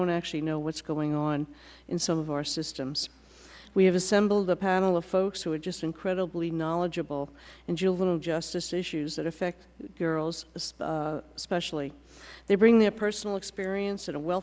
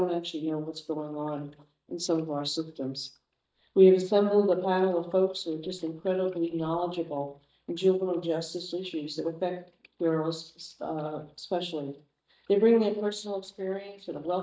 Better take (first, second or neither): first